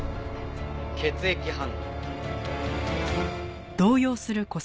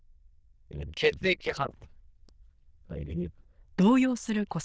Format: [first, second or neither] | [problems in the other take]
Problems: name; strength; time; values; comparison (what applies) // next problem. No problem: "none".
first | noise reduction (neural diffusion model UNIVERSE++)